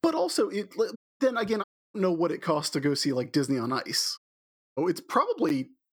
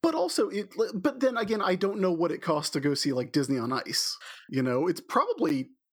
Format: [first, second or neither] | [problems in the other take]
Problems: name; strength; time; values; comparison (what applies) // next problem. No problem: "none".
second | audio cutting out; at 1 s, at 1.5 s and at 4 s for 0.5 s